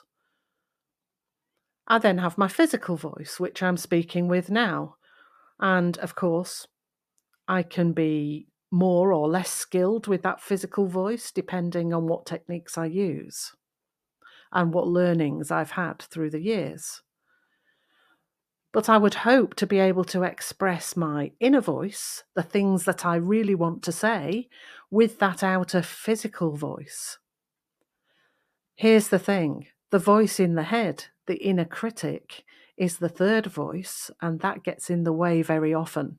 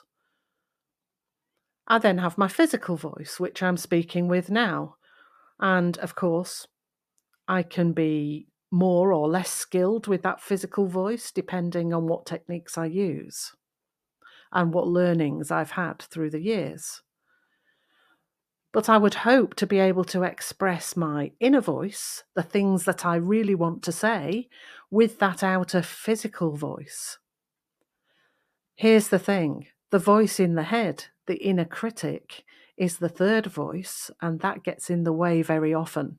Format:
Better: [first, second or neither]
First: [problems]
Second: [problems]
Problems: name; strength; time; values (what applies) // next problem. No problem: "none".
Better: neither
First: none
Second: none